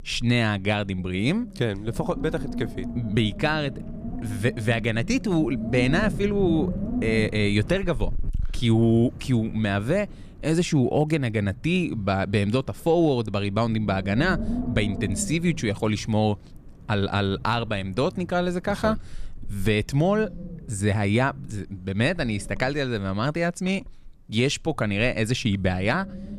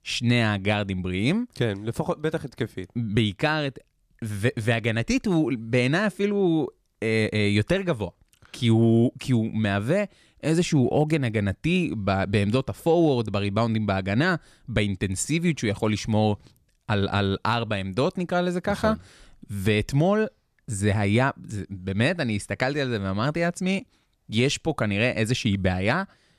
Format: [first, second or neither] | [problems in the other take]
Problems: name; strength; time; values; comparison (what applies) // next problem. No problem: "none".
second | wind noise on the microphone; occasional gusts; 15 dB below the speech